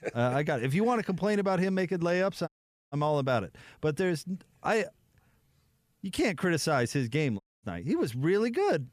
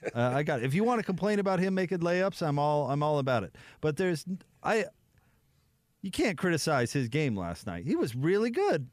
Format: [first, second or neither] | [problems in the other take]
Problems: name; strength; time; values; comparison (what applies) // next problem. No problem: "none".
second | audio cutting out; at 2.5 s and at 7.5 s